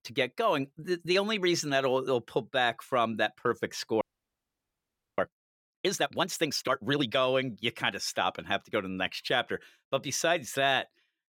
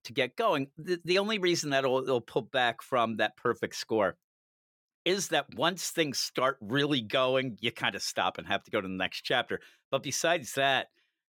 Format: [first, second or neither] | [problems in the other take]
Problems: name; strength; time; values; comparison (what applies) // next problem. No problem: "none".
second | audio freezing; at 4 s for 1 s